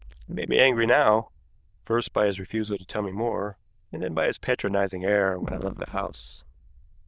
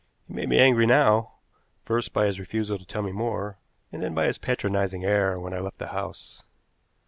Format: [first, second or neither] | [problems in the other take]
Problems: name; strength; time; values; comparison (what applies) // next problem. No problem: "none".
second | noise reduction (neural diffusion model UNIVERSE++)